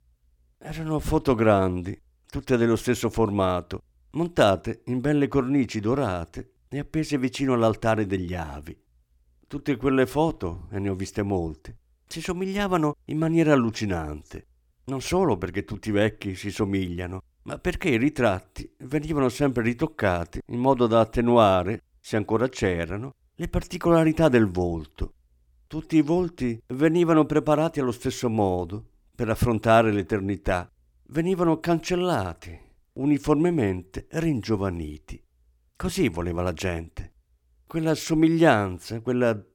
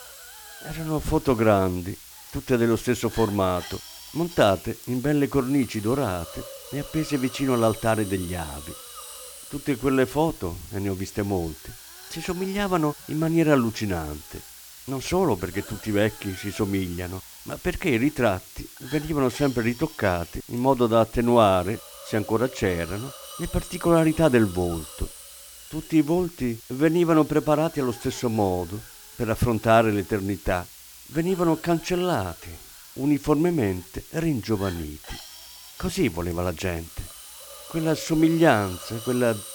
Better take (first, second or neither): first